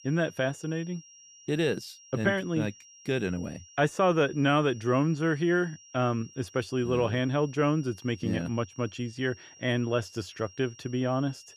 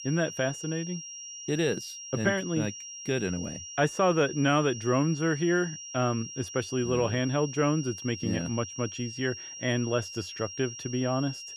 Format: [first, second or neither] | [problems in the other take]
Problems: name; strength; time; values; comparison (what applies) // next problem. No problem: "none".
first | high-pitched whine; loud; throughout; 5.5 kHz, 10 dB below the speech; faint in the first